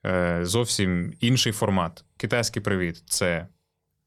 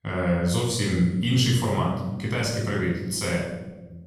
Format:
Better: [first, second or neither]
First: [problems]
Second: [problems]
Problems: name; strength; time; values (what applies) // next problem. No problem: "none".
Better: first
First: none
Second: off-mic speech; far // room echo; noticeable; dies away in 1.2 s